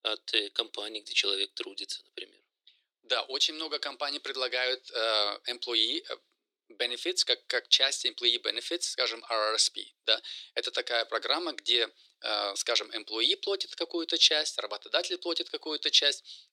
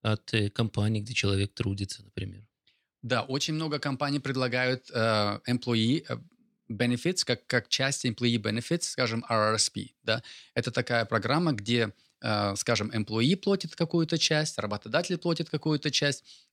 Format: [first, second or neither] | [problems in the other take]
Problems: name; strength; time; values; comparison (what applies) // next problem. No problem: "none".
second | thin; very; fading below 350 Hz